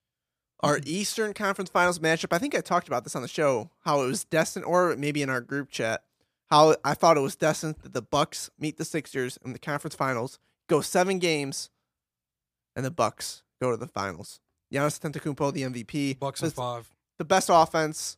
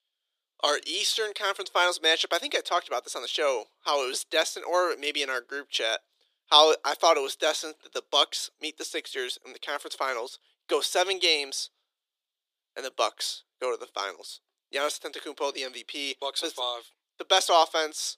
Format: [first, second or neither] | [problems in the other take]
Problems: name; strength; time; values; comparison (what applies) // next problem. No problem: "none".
first | thin; very; fading below 350 Hz